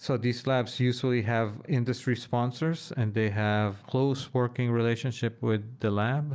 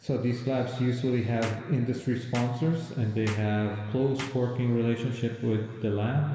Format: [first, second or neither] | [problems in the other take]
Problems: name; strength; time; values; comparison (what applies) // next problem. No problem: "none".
first | background sound (Clapping); 18 dB below the speech // room echo; dies away in 2.2 s